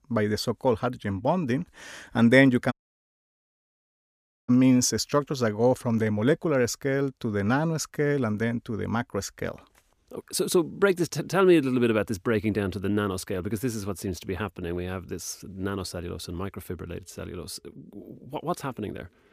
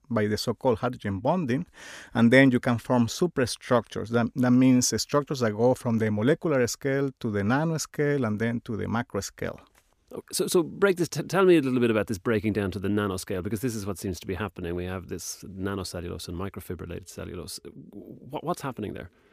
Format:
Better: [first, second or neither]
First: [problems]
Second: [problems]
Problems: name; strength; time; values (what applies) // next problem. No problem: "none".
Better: second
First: audio cutting out; at 2.5 s for 2 s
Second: none